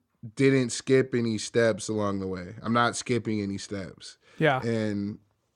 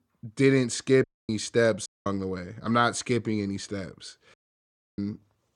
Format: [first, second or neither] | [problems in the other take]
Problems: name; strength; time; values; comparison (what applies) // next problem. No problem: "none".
first | audio cutting out; at 1 s, at 2 s and at 4.5 s for 0.5 s